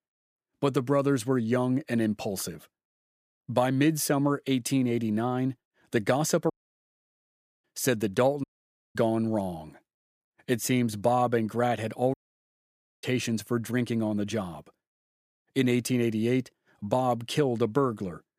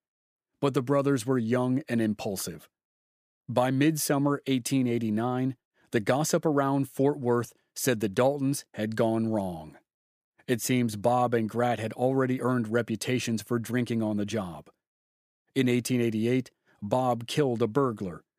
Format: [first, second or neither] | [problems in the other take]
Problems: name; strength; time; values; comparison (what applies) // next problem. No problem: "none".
second | audio cutting out; at 6.5 s for 1 s, at 8.5 s for 0.5 s and at 12 s for 1 s